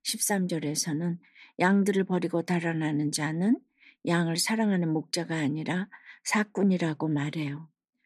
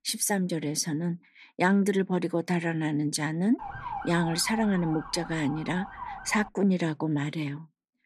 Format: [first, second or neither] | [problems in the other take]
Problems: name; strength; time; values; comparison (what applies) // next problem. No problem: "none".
first | siren; noticeable; from 3.5 to 6.5 s; peak 8 dB below the speech